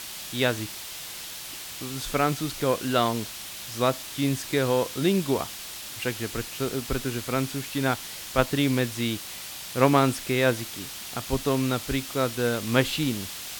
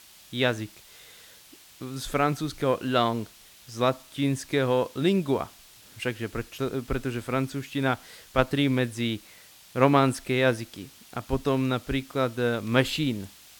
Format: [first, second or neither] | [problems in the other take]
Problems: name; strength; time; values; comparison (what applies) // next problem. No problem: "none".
second | hiss; loud; throughout; 8 dB below the speech; faint in the second